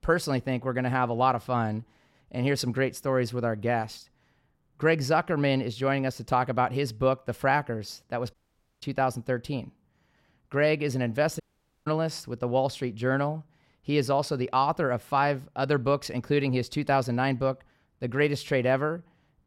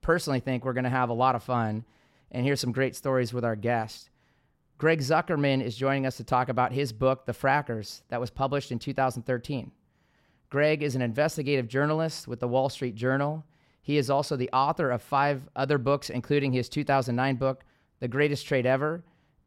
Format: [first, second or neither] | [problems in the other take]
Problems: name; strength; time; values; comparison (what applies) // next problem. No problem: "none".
second | audio cutting out; at 8.5 s and at 11 s